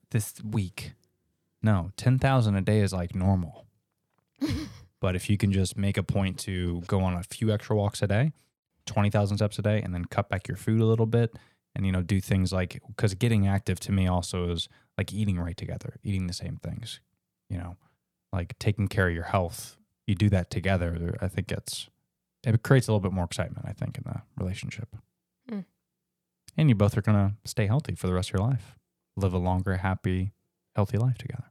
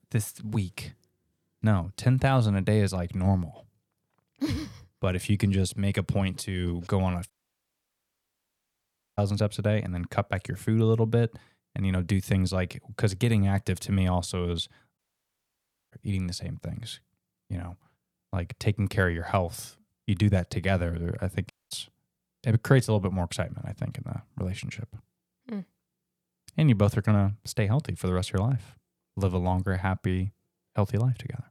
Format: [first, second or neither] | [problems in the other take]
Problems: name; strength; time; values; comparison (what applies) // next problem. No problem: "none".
first | audio cutting out; at 7.5 s for 2 s, at 15 s for 1 s and at 22 s